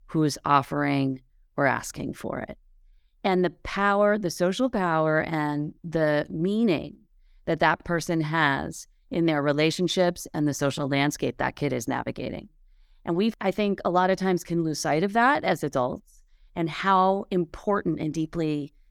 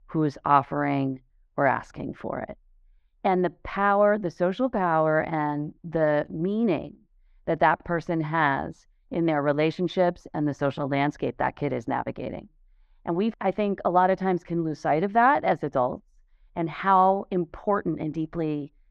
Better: first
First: none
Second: muffled; very; fading above 2.5 kHz

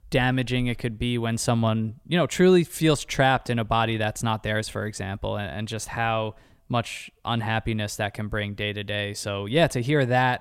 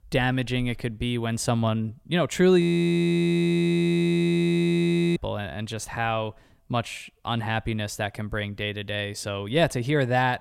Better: first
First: none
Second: audio freezing; at 2.5 s for 2.5 s

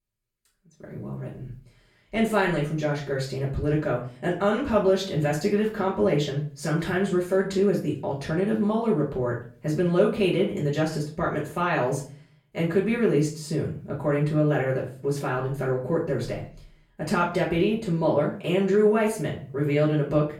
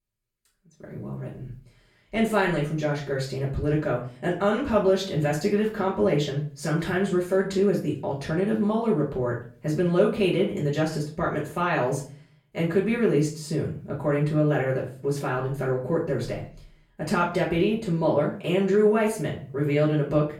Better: neither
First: off-mic speech; far // room echo; slight; dies away in 0.4 s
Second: off-mic speech; far // room echo; slight; dies away in 0.4 s

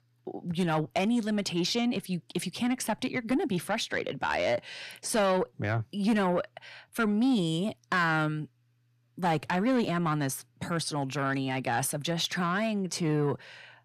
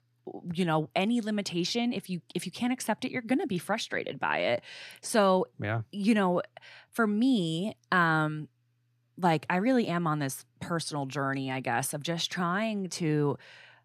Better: second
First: distortion; slight; 10 dB below the speech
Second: none

